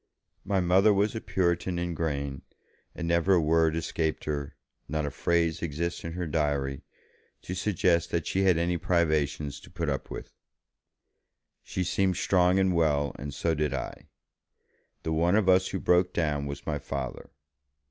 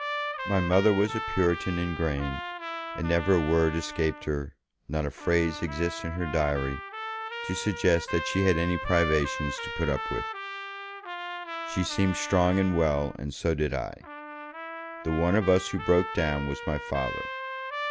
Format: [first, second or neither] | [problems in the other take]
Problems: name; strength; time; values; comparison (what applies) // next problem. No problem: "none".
first | background sound (Trumpet); 8 dB below the speech